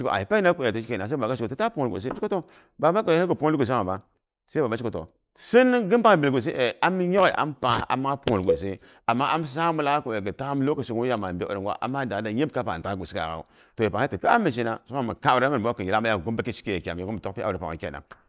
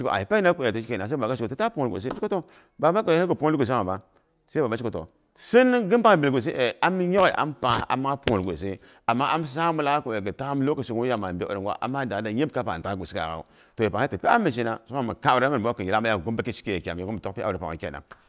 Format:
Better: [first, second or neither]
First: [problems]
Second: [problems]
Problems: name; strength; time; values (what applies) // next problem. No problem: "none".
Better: second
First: noise reduction (neural mask model Resemble Enhance denoiser)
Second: none